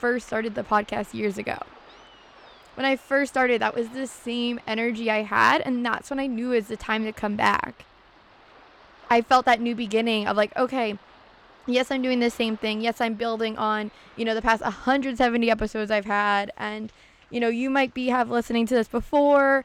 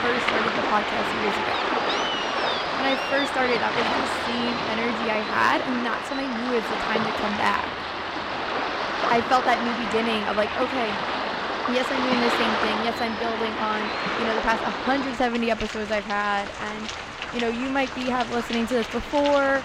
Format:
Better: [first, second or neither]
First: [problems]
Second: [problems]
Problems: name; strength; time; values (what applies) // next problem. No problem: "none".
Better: first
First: rain or running water; faint; throughout; 25 dB below the speech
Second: rain or running water; loud; throughout; as loud as the speech